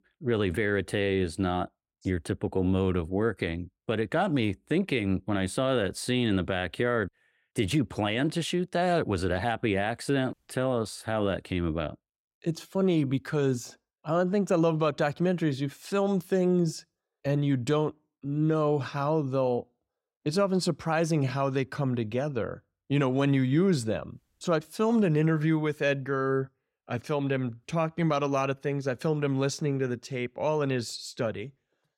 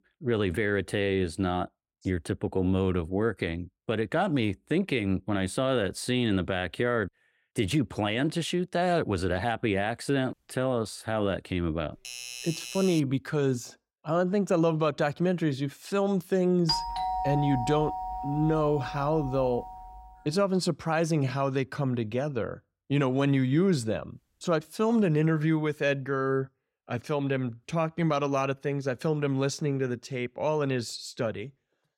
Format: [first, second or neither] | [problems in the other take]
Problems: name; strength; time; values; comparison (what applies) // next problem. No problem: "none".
first | doorbell; noticeable; from 12 to 13 s and from 17 to 20 s; peak level with the speech